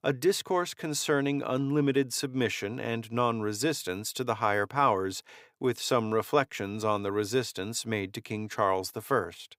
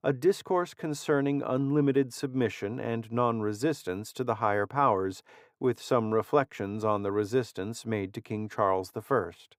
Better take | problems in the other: first | muffled; slightly; fading above 2 kHz

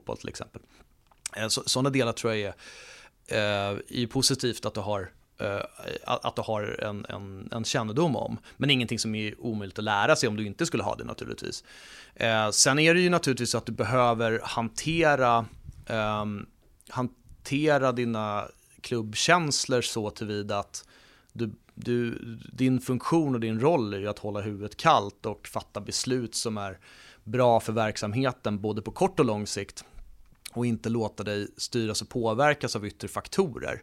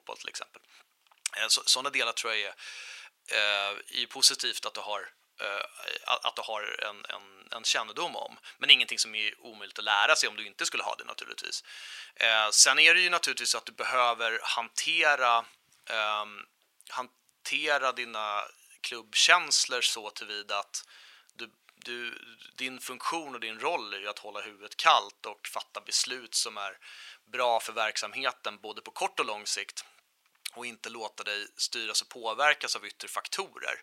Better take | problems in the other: first | thin; very; fading below 950 Hz

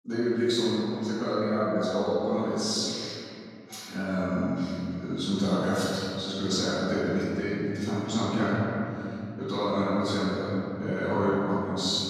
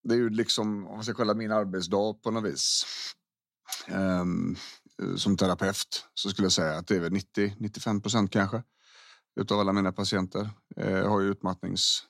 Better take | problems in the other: second | off-mic speech; far // room echo; strong; dies away in 2.6 s

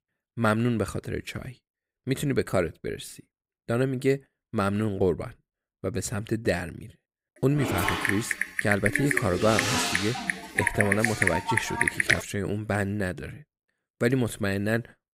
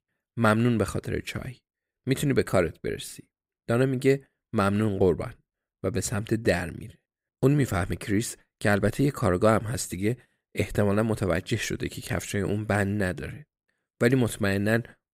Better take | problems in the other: second | keyboard typing; loud; from 7.5 to 12 s; peak 6 dB above the speech

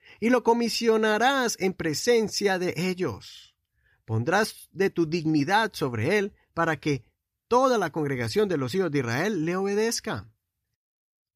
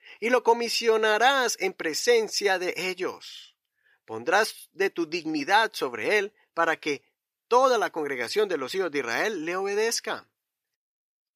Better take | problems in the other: first | thin; somewhat; fading below 500 Hz

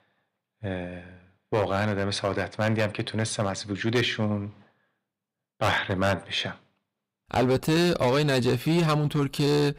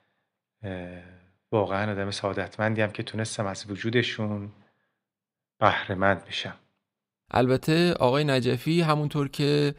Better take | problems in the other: second | distortion; heavy; 7% of the sound clipped

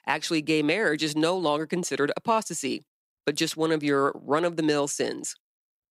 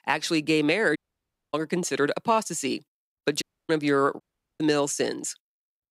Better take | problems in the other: first | audio cutting out; at 1 s for 0.5 s, at 3.5 s and at 4 s

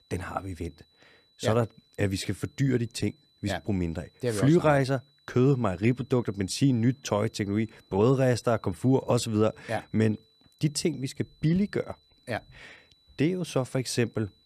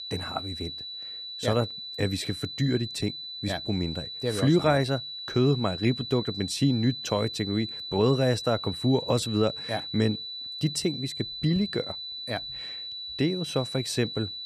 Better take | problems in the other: first | high-pitched whine; loud; throughout; 4 kHz, 7 dB below the speech; faint in the first

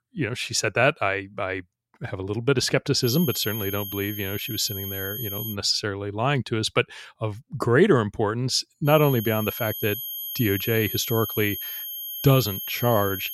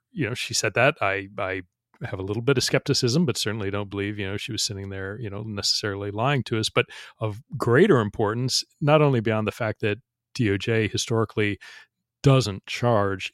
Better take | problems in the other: second | high-pitched whine; loud; from 3 to 5.5 s and from 9 s on; 11.5 kHz, 6 dB below the speech

